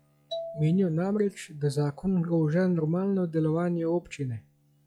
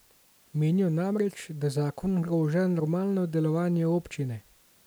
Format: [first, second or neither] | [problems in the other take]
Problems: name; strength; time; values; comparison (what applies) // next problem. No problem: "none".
second | noise reduction (classical method log-MMSE)